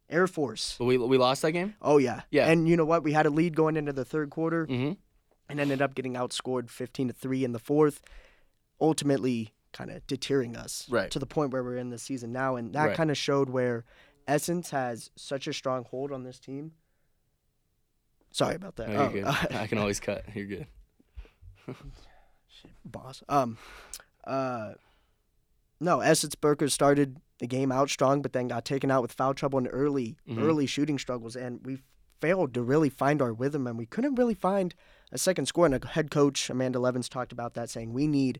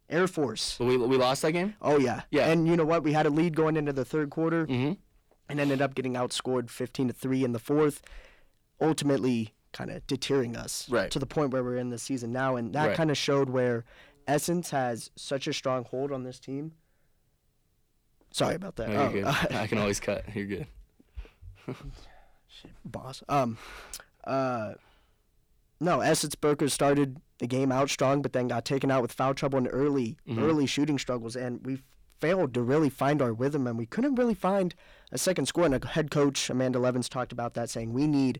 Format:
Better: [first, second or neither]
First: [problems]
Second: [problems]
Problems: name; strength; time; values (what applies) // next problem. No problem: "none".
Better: first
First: none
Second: distortion; slight; 10 dB below the speech